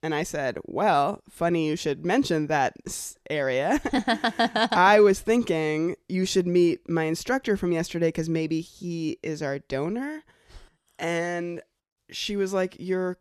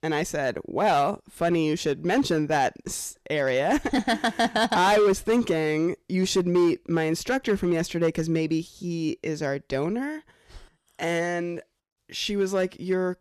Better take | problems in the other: first | distortion; slight; 5% of the sound clipped

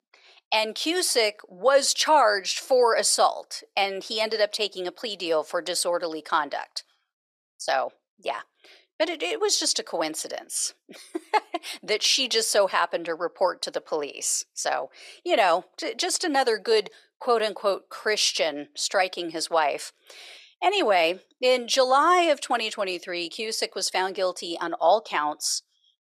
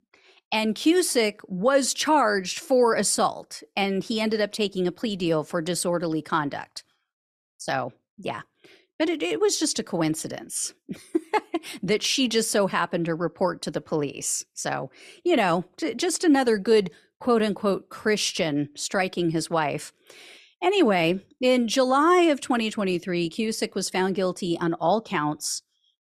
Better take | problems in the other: second | thin; very; fading below 600 Hz

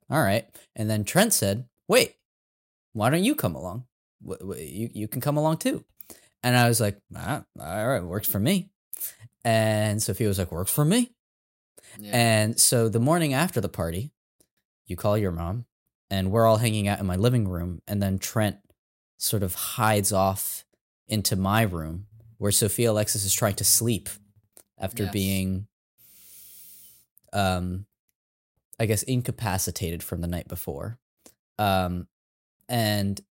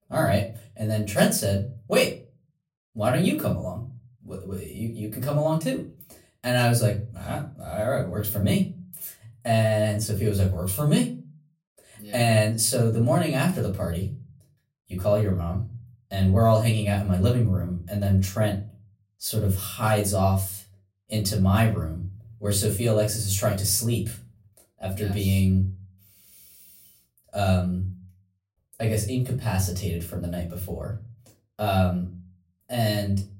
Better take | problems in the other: first | off-mic speech; far // room echo; very slight; dies away in 0.3 s

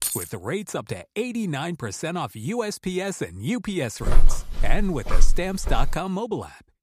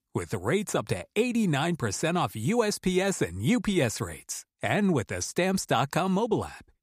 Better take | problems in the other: second | jangling keys; loud; at the start; peak 2 dB above the speech // footsteps; loud; from 4 to 6 s; peak 4 dB above the speech

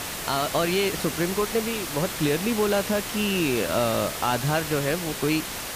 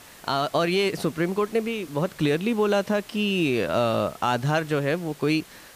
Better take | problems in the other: second | hiss; loud; throughout; 5 dB below the speech; faint in the second

